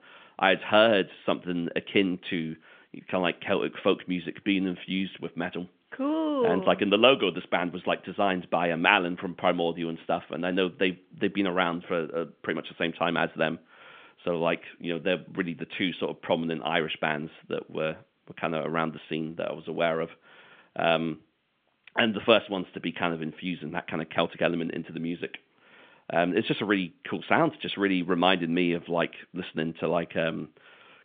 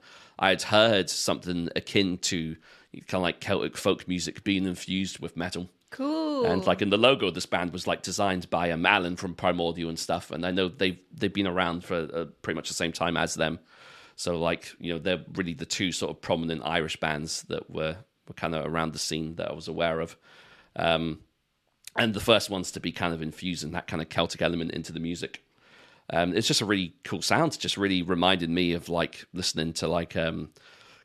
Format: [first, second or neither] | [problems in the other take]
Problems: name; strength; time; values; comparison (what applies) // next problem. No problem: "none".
second | phone-call audio; nothing above 3.5 kHz